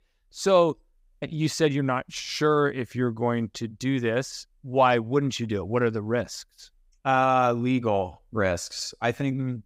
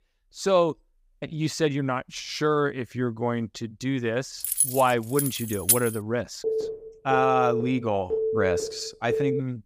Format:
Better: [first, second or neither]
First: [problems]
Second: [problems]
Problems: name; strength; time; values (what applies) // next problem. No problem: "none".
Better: first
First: none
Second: jangling keys; loud; from 4.5 to 6 s; peak 5 dB above the speech // phone ringing; loud; from 6.5 s on; peak level with the speech